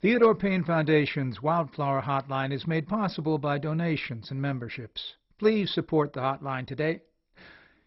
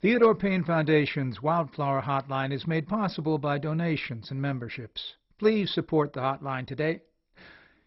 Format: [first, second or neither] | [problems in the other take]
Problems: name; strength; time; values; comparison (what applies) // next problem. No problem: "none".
neither | garbled, watery; badly; nothing above 5.5 kHz; the same in both